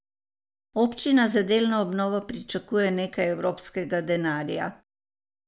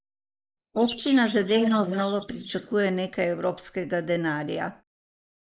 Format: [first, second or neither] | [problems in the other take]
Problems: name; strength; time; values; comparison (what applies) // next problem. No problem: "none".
first | noise reduction (neural mask model Resemble Enhance denoiser)